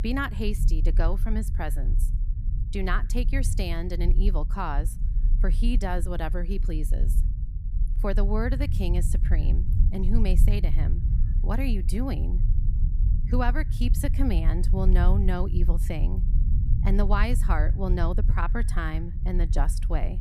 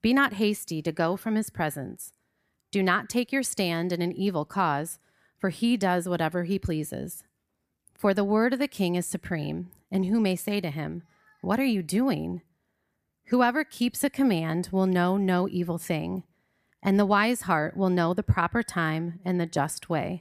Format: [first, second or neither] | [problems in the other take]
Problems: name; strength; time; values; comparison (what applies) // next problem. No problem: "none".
second | low rumble; noticeable; throughout; 10 dB below the speech